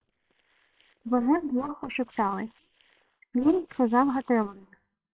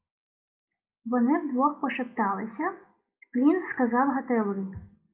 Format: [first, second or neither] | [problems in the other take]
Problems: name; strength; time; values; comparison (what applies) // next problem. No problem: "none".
second | noise reduction (neural separator model SepFormer WHAM!)